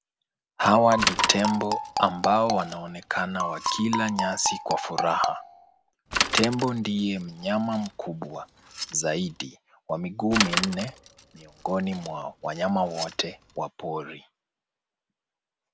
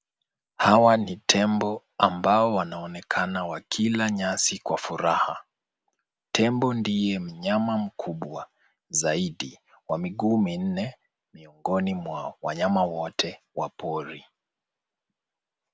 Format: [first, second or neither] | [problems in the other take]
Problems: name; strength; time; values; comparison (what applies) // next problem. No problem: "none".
second | background sound (Marimba, xylophone + Bicycle); 4 dB below the speech